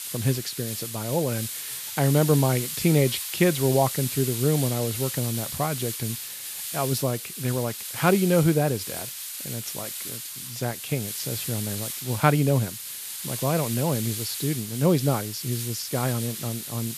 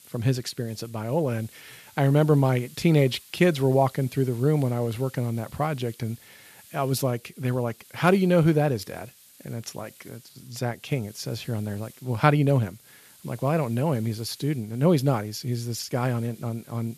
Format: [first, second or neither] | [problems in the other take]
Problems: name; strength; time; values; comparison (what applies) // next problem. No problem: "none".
second | hiss; loud; throughout; 6 dB below the speech; faint in the second